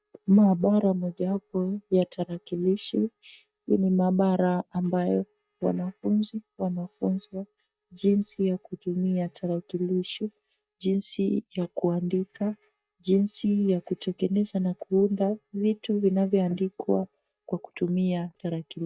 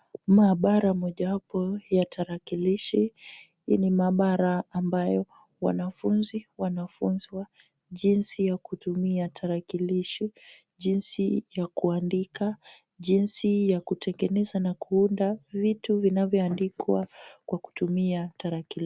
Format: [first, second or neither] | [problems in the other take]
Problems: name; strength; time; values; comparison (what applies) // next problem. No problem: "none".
second | noise reduction (neural mask model DeepFilterNet 3)